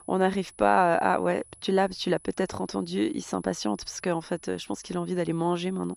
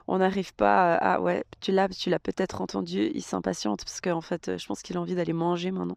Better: second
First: high-pitched whine; faint; throughout; 10 kHz, 25 dB below the speech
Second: none

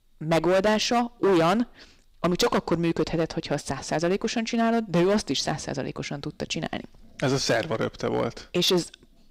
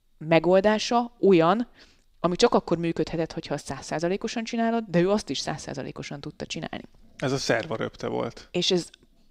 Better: second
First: distortion; heavy; 9% of the sound clipped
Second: none

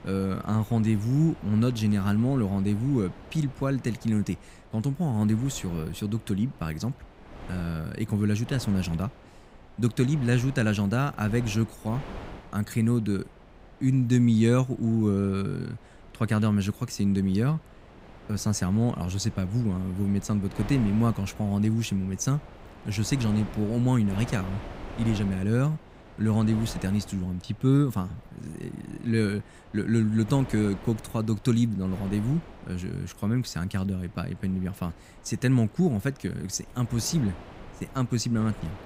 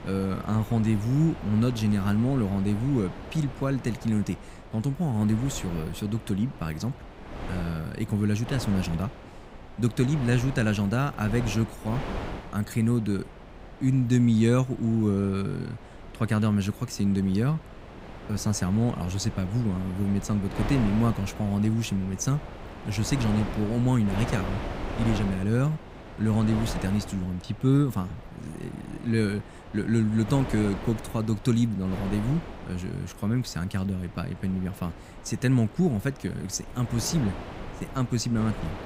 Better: first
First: wind noise on the microphone; occasional gusts; 15 dB below the speech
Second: wind noise on the microphone; heavy; 9 dB below the speech

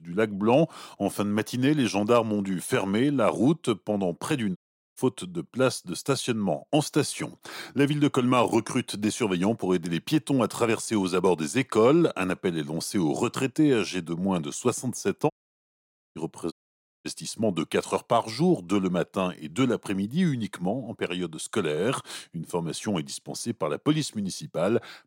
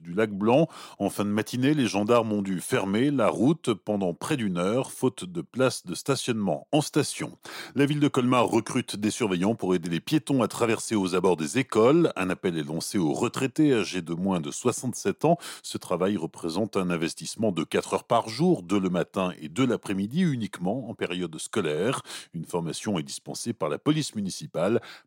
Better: second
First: audio cutting out; at 4.5 s, at 15 s for 1 s and at 17 s for 0.5 s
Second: none

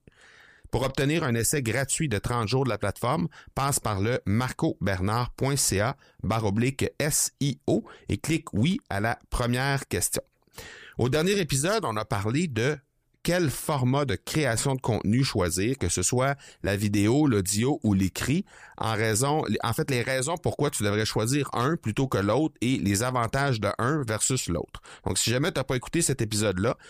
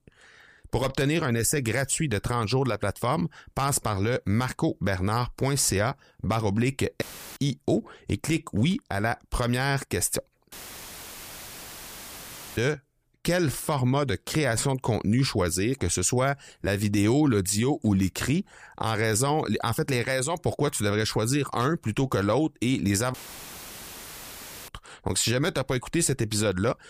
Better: first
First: none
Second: audio cutting out; filled with static; at 7 s, at 11 s for 2 s and at 23 s for 1.5 s

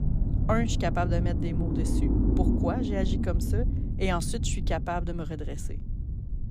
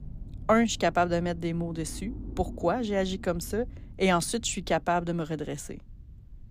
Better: second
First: low rumble; loud; throughout; 4 dB below the speech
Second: low rumble; faint; throughout; 25 dB below the speech

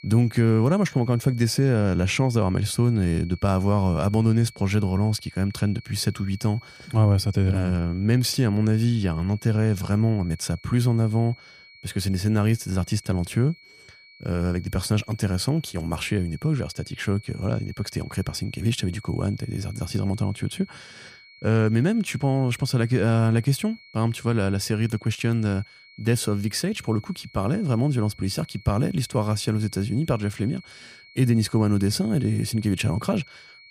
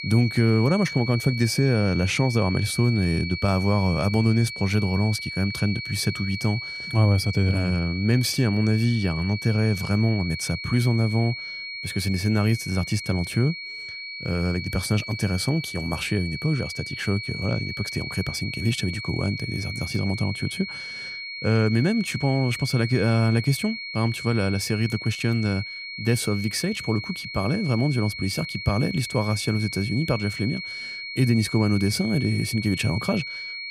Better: first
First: high-pitched whine; faint; throughout; 2 kHz, 25 dB below the speech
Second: high-pitched whine; loud; throughout; 2 kHz, 8 dB below the speech

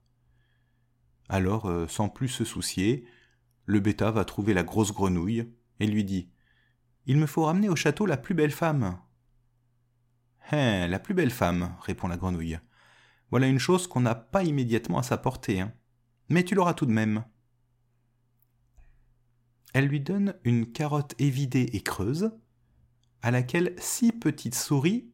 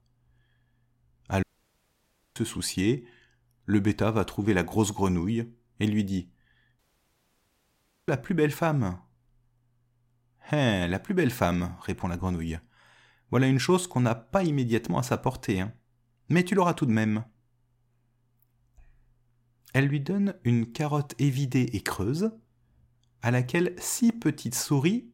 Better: first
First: none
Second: audio cutting out; at 1.5 s for 1 s and at 7 s for 1.5 s

